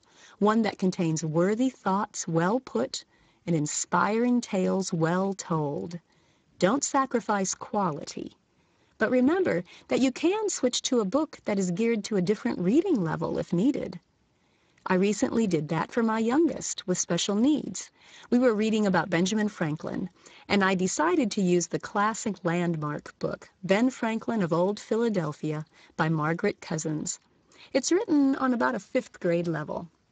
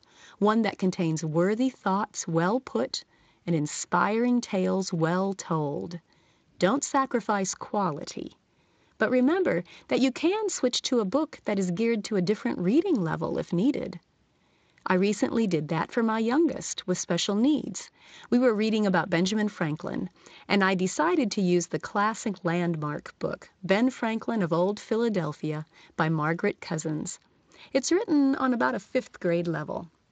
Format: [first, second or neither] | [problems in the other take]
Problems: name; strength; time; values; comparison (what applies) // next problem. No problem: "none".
second | garbled, watery; badly; nothing above 7.5 kHz; slightly in the second